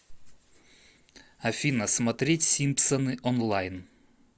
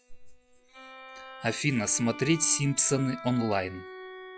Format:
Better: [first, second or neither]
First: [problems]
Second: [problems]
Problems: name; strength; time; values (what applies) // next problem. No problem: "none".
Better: first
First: none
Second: noise reduction (classical method log-MMSE)